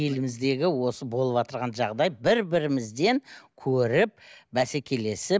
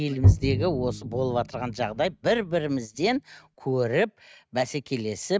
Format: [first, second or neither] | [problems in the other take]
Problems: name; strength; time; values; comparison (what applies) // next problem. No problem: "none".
first | noise reduction (neural mask model RNNoise)